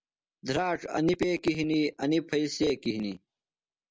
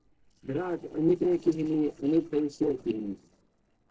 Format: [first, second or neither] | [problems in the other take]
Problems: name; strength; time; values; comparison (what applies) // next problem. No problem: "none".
first | noise reduction (neural separator model SepFormer DNS4)